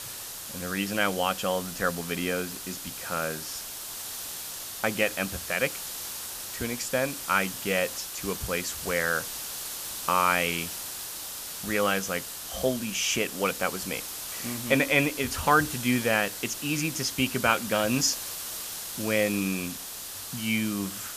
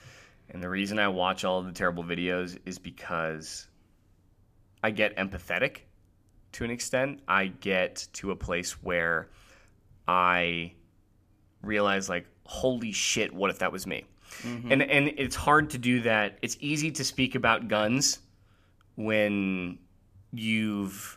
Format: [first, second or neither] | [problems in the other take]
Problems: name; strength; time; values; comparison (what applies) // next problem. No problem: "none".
second | hiss; loud; throughout; 7 dB below the speech